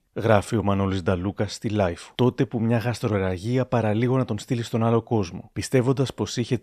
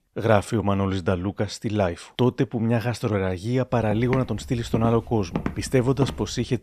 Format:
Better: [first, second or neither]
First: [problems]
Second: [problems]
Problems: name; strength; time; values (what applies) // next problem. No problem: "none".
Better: first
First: none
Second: footsteps; noticeable; from 4 s on; peak 6 dB below the speech